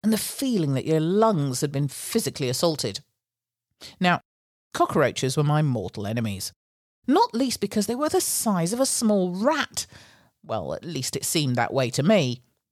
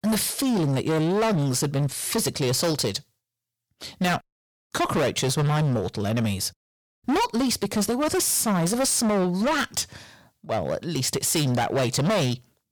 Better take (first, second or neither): first